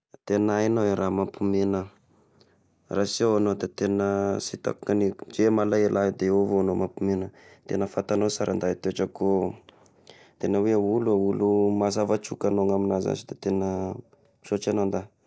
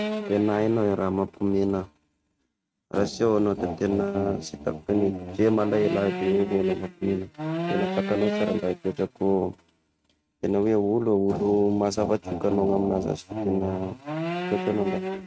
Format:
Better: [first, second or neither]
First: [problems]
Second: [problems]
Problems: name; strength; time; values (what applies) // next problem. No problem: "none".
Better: first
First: none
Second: noise reduction (neural mask model RNNoise)